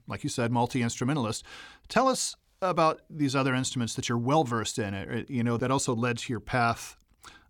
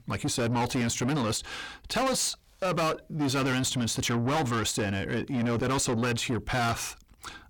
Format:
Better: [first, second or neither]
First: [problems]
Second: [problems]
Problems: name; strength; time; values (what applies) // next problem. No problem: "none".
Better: first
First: none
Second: distortion; heavy; 6 dB below the speech